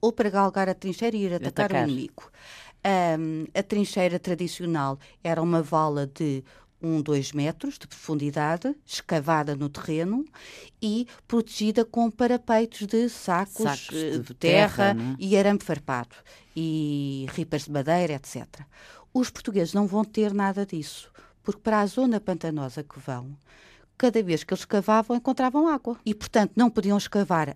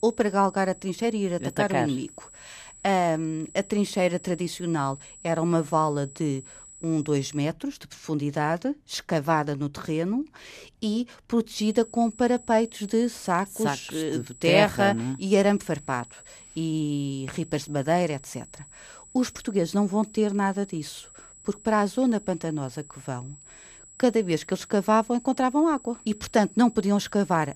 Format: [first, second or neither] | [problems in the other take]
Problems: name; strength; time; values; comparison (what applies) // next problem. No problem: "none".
first | high-pitched whine; faint; until 7.5 s and from 12 s on; 8 kHz, 20 dB below the speech